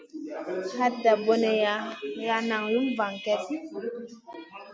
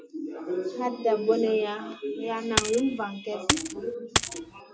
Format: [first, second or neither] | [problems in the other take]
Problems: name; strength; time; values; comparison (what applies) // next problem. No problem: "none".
first | background sound (Coin (dropping)); as loud as the speech // room echo; dies away in 0.2 s